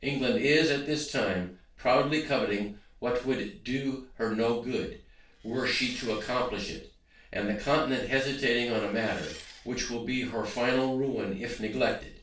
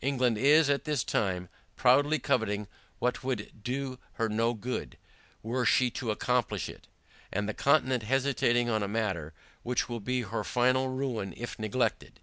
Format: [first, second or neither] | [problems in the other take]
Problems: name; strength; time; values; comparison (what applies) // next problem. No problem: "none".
second | noise reduction (neural separator model SepFormer DNS4)